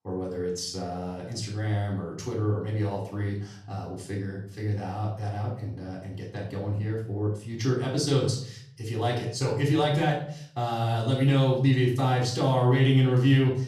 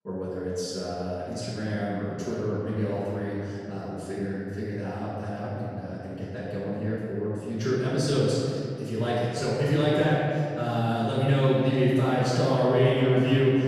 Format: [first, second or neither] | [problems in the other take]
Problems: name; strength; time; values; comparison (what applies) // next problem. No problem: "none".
first | room echo; strong; dies away in 2.7 s; slight in the first // off-mic speech; far; far in the first